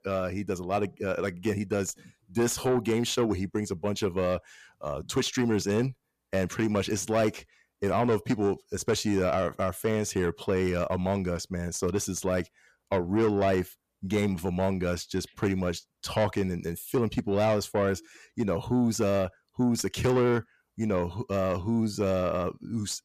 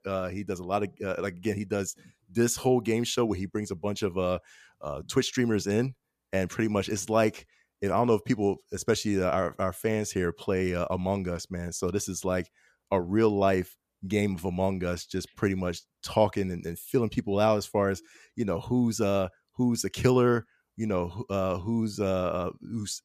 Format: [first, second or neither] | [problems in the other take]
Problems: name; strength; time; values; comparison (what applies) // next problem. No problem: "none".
second | distortion; slight; 10 dB below the speech